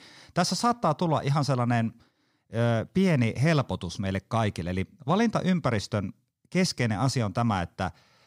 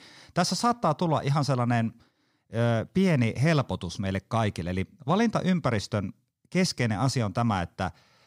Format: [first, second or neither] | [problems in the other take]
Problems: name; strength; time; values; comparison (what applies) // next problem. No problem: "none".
neither | none